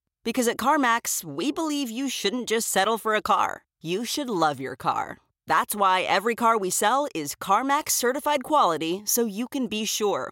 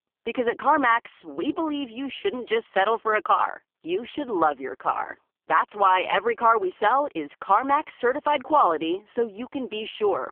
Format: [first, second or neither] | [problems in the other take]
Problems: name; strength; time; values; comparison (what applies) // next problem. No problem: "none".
first | phone-call audio; poor line; nothing above 3.5 kHz